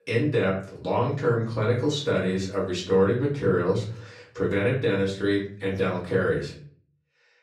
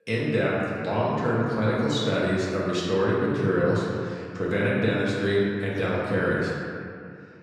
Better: first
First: room echo; slight; dies away in 0.4 s // off-mic speech; far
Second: room echo; strong; dies away in 2.2 s // off-mic speech; far

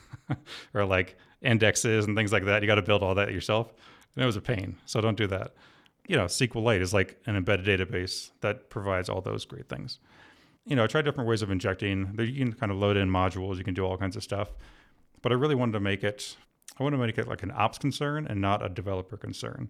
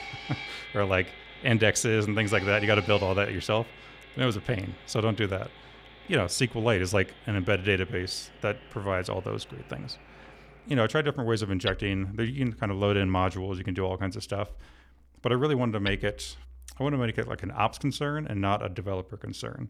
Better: first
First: none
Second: machinery noise; noticeable; throughout; 15 dB below the speech

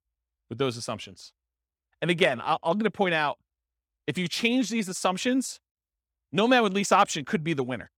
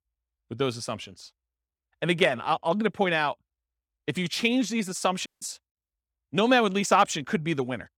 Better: first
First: none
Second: audio cutting out; at 5.5 s

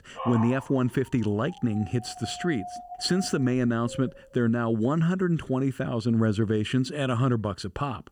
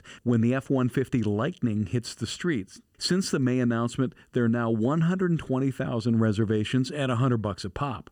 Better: second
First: dog barking; noticeable; until 4 s; peak 7 dB below the speech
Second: none

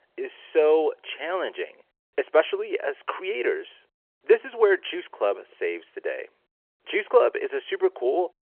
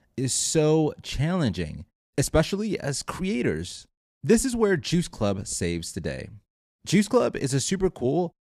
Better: second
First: phone-call audio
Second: none

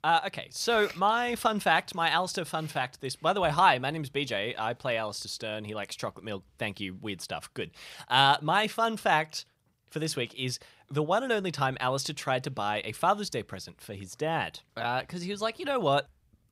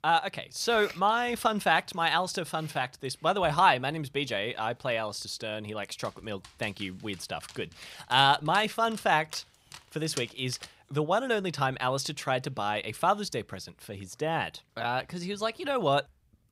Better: first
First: none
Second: dog barking; faint; from 6 to 11 s; peak 10 dB below the speech

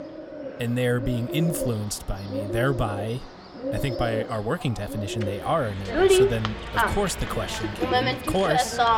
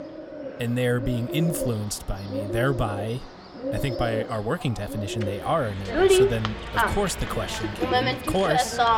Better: neither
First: animal sounds; very loud; throughout; 1 dB above the speech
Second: animal sounds; very loud; throughout; 1 dB above the speech

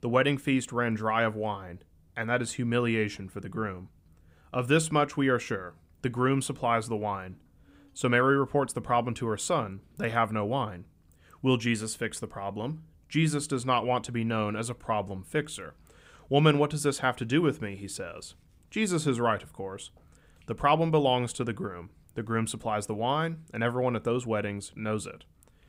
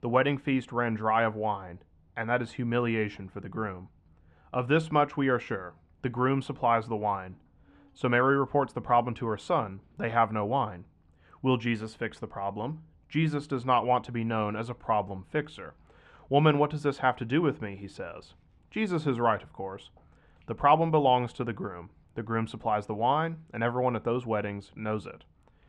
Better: first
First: none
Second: muffled; very; fading above 3 kHz

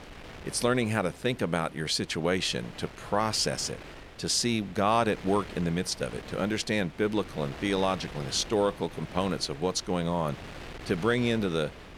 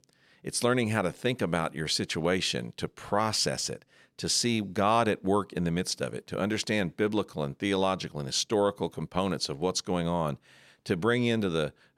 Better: second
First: wind noise on the microphone; occasional gusts; 15 dB below the speech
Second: none

